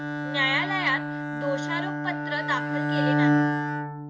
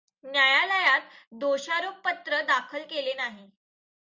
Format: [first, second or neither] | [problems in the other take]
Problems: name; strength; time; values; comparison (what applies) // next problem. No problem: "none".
second | background sound (Bowed string instrument); 4 dB above the speech